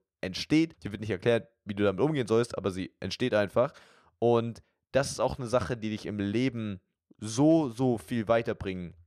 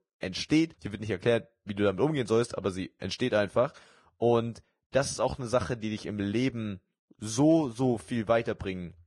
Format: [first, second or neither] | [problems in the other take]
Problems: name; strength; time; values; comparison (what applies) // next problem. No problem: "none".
first | garbled, watery; badly; nothing above 10 kHz